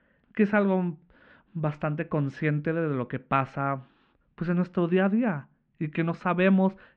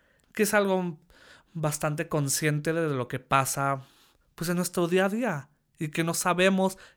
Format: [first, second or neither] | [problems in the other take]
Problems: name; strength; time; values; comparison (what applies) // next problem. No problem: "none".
second | muffled; very; fading above 2.5 kHz